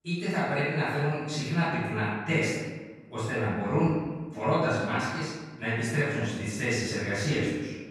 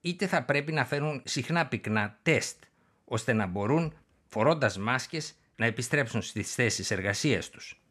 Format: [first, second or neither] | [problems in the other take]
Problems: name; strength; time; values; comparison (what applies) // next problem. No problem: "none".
second | off-mic speech; far // room echo; strong; dies away in 1.2 s